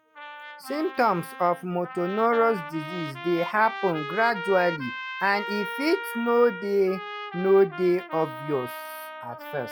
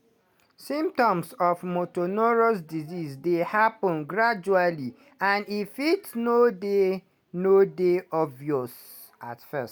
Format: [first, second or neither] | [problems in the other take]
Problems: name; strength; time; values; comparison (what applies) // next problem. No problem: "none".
second | noise reduction (classical method log-MMSE)